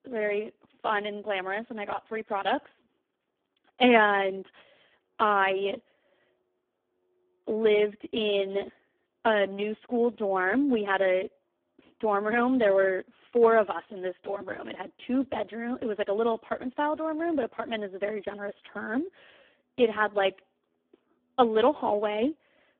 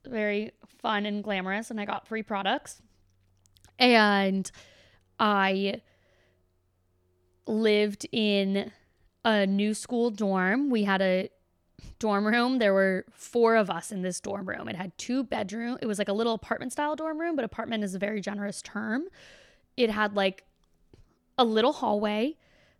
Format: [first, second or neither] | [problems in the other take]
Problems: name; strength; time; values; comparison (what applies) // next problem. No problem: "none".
second | phone-call audio; poor line; nothing above 3.5 kHz